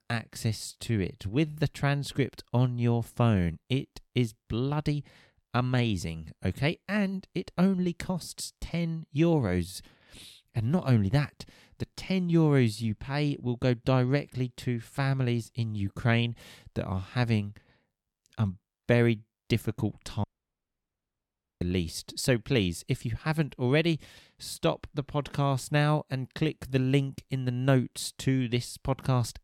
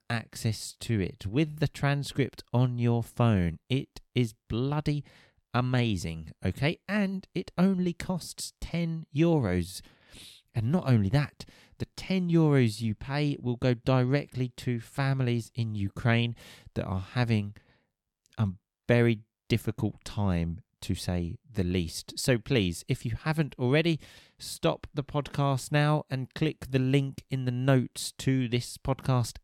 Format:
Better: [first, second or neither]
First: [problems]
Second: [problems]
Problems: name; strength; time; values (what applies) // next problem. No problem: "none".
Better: second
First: audio cutting out; at 20 s for 1.5 s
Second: none